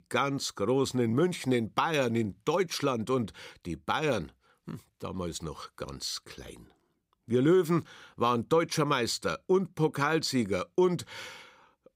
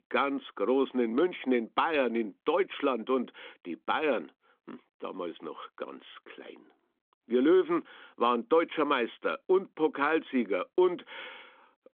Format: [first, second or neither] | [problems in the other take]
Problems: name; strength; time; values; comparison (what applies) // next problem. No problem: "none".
first | phone-call audio; nothing above 3.5 kHz